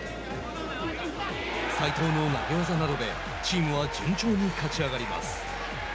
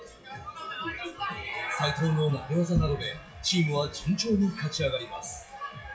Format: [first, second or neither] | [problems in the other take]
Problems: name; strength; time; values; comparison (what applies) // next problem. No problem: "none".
first | noise reduction (classical method WPE with log-MMSE)